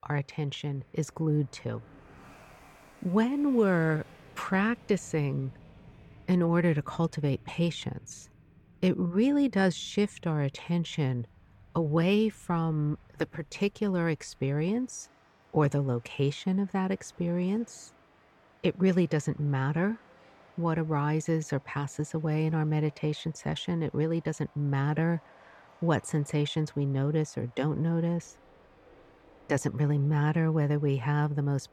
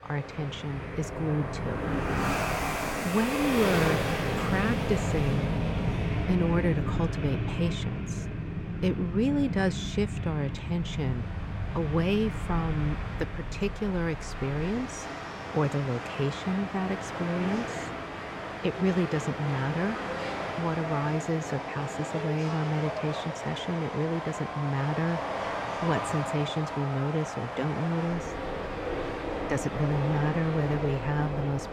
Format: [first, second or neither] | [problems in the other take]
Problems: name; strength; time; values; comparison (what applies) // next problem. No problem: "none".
first | train or aircraft noise; loud; throughout; 3 dB below the speech; faint in the first